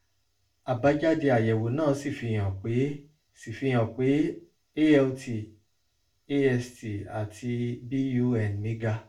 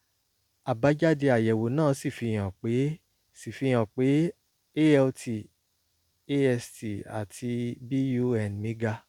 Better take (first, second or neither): second